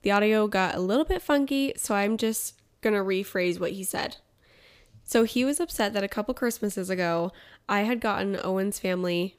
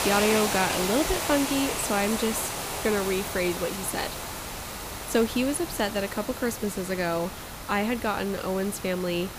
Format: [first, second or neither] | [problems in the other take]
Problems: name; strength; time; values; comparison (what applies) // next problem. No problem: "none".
first | hiss; loud; throughout; 4 dB below the speech